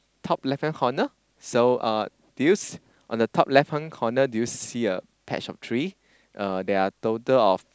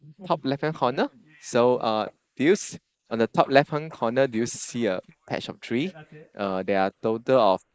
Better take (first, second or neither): first